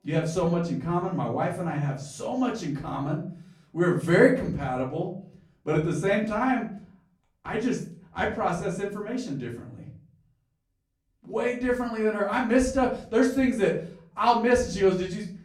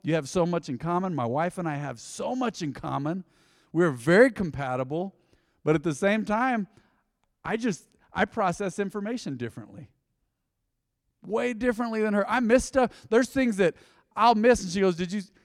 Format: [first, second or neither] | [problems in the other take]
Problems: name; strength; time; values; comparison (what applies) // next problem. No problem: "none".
second | off-mic speech; far // room echo; slight; dies away in 0.5 s